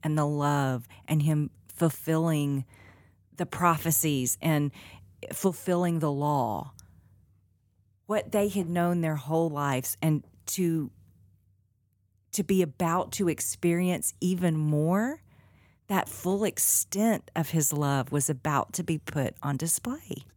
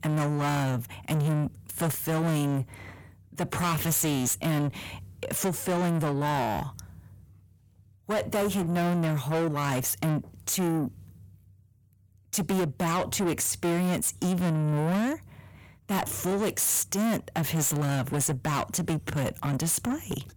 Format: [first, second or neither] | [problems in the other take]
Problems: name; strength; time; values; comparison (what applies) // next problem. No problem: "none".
first | distortion; heavy; 6 dB below the speech